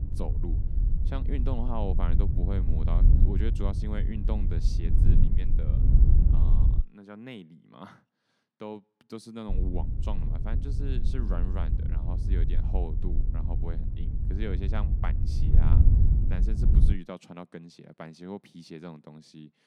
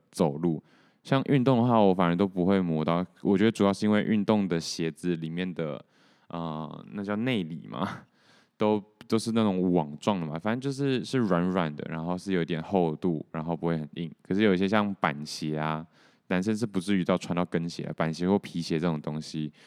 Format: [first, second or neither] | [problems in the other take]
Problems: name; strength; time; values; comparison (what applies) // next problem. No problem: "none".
second | wind noise on the microphone; heavy; until 7 s and from 9.5 to 17 s; 2 dB below the speech